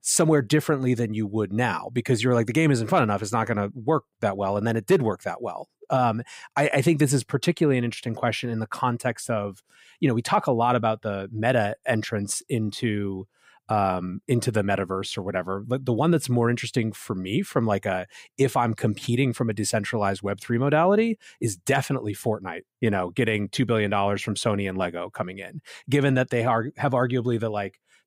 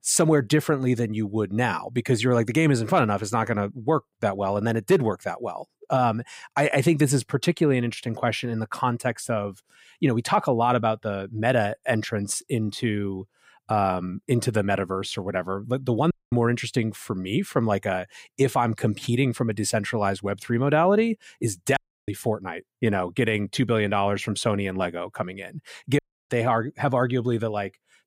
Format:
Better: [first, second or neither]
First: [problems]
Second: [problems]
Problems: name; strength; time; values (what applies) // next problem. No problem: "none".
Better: first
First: none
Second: audio cutting out; at 16 s, at 22 s and at 26 s